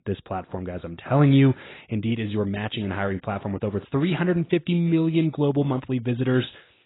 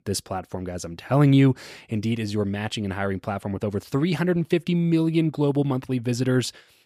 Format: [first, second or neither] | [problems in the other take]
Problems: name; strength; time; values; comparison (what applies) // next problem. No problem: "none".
second | garbled, watery; badly; nothing above 4 kHz